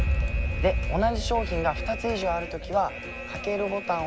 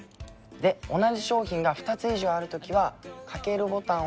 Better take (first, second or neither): second